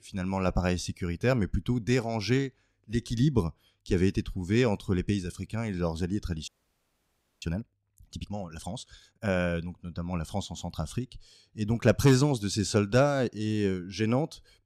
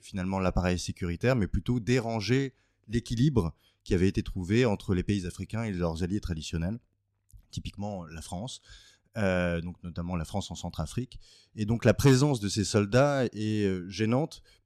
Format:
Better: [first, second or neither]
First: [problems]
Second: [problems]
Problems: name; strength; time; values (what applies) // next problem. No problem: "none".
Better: second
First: audio freezing; at 6.5 s for 1 s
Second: none